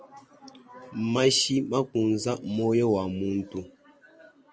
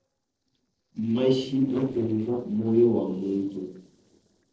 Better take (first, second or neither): first